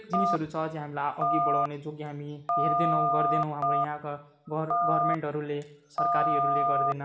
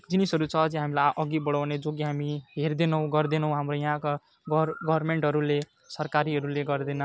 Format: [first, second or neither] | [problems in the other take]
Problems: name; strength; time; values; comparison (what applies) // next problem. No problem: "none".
second | background sound (Telephone); 5 dB above the speech // room echo; dies away in 0.7 s